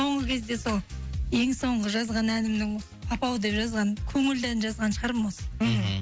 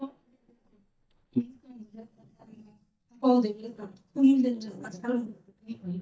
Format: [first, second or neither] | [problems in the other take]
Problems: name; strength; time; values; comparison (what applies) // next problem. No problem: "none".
first | noise reduction (neural mask model DeepFilterNet 3)